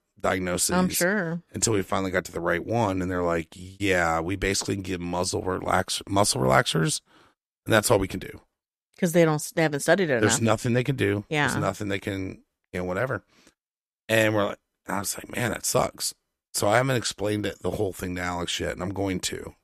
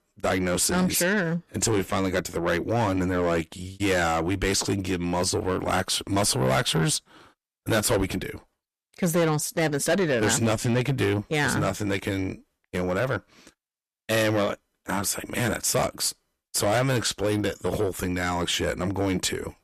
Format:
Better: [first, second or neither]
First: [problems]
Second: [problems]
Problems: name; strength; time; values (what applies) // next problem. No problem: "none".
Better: first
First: none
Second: distortion; heavy; 8 dB below the speech